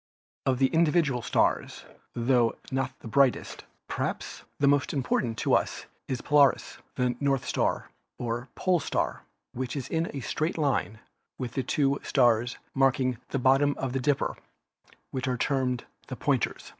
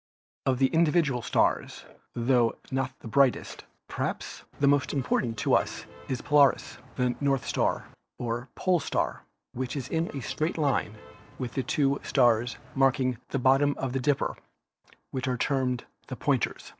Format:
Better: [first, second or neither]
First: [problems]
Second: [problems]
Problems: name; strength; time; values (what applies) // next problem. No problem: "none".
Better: first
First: none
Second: noise reduction (neural separator model SepFormer DNS4)